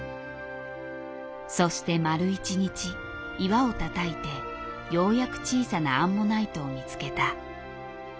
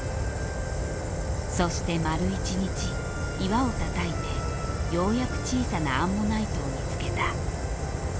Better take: first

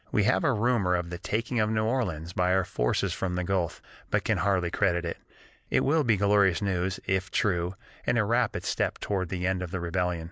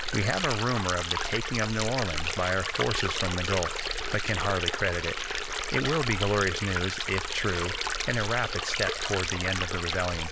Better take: first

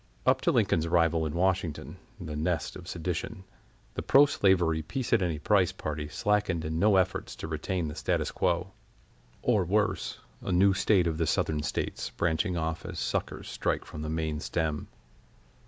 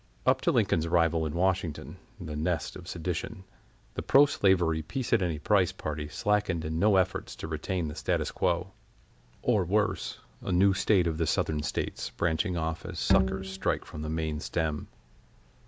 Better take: first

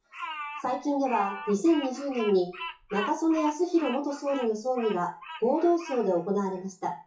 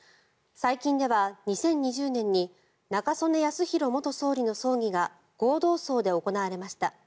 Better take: second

